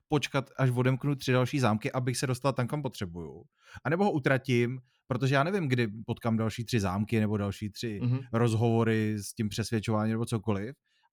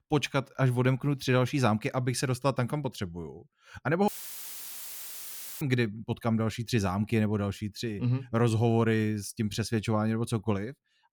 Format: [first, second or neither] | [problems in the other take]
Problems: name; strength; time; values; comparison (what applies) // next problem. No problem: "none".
first | audio cutting out; filled with static; at 4 s for 1.5 s